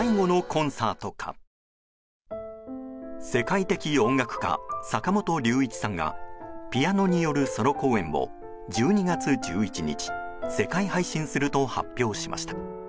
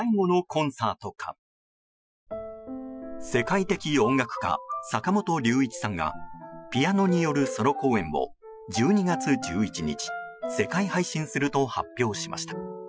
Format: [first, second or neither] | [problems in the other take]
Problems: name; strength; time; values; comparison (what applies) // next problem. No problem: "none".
first | noise reduction (classical method Wiener filter)